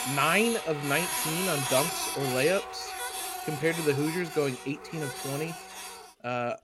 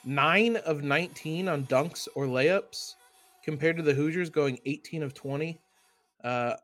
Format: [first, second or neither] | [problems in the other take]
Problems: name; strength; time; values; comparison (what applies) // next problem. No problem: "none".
second | household noises; loud; throughout; 3 dB below the speech; faint in the second